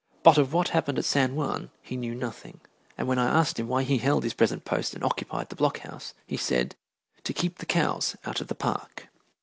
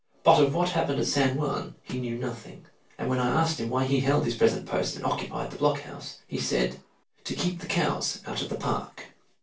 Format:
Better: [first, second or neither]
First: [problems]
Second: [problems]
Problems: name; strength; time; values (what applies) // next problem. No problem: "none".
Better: first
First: none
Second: background sound (Snare drum); 17 dB below the speech // room echo; dies away in 0.2 s